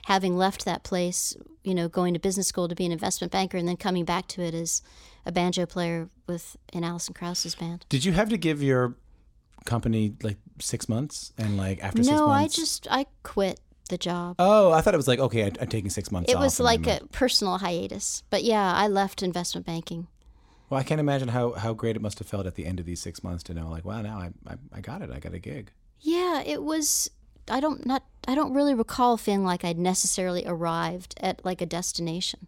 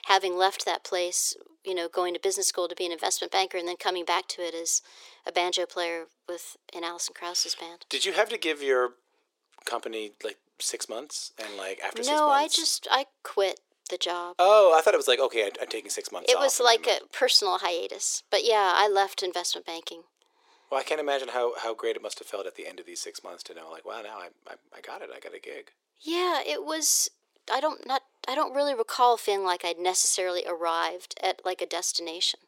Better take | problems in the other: first | thin; very; fading below 400 Hz

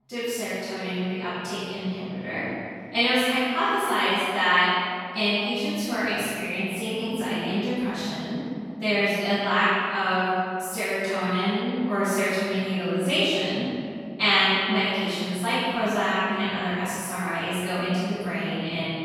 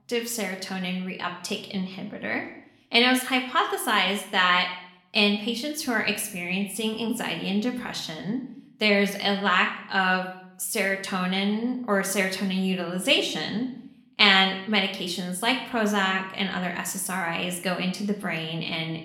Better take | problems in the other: second | room echo; strong; dies away in 2.6 s; slight in the second // off-mic speech; far; somewhat distant in the second

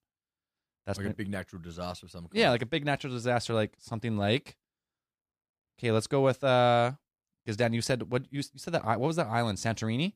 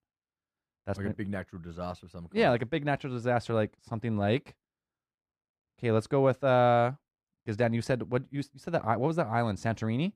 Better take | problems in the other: first | muffled; slightly; fading above 2.5 kHz

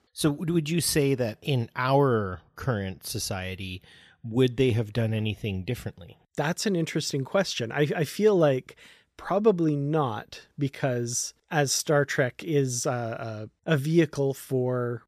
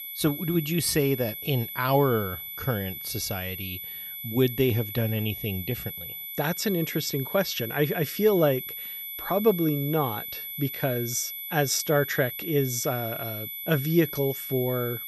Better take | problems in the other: first | high-pitched whine; loud; throughout; 12 kHz, 7 dB below the speech

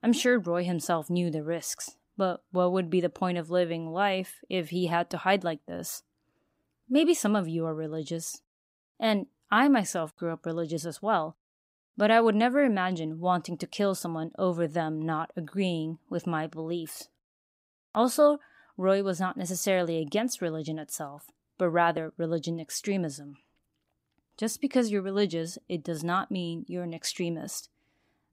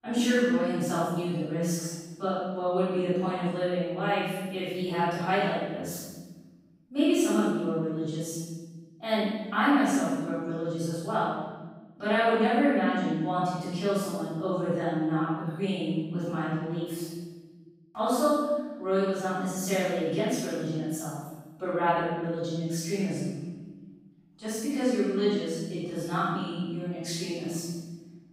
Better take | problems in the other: first | room echo; strong; dies away in 1.3 s // off-mic speech; far

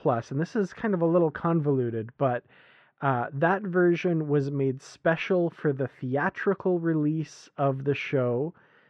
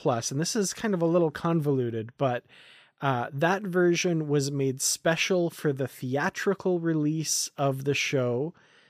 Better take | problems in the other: second | muffled; very; fading above 1.5 kHz

